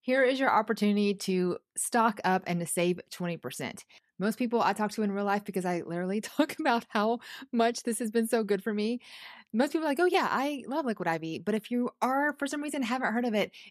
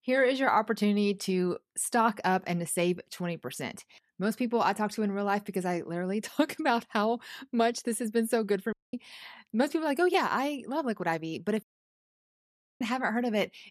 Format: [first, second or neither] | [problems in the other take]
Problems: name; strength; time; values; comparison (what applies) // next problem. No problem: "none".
first | audio cutting out; at 8.5 s and at 12 s for 1 s